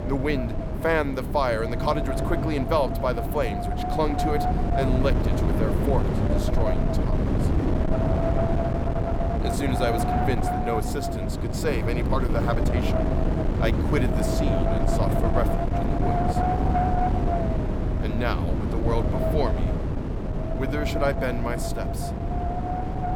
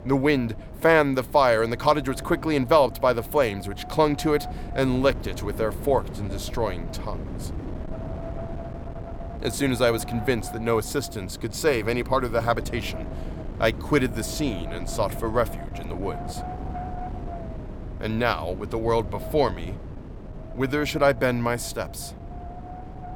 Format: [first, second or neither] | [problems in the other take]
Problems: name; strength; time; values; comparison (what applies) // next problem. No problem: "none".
second | wind noise on the microphone; heavy; as loud as the speech; occasional gusts in the second